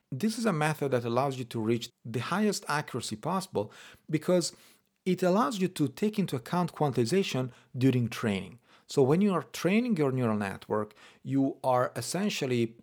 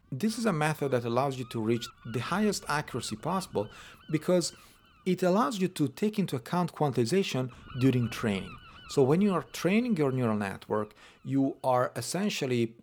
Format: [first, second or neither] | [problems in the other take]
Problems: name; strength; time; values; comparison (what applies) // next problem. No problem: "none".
first | animal sounds; faint; throughout; 25 dB below the speech